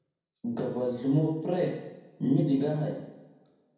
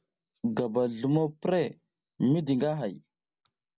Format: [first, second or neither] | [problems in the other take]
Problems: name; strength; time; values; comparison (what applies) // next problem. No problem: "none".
second | room echo; dies away in 0.9 s